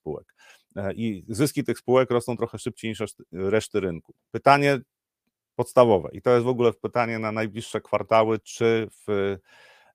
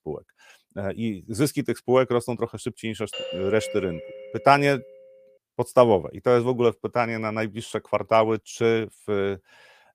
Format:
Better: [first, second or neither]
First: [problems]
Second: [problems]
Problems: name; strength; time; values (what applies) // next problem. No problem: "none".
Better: first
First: none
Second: doorbell; noticeable; from 3 to 5 s; peak 8 dB below the speech